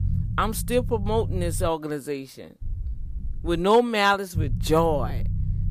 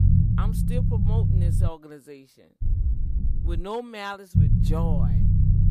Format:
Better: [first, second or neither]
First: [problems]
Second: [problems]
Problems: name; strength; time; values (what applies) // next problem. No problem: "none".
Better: first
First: low rumble; faint; until 1.5 s, at 2.5 s and from 4.5 s on; 20 dB below the speech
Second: low rumble; loud; until 1.5 s, at 2.5 s and from 4.5 s on; 1 dB below the speech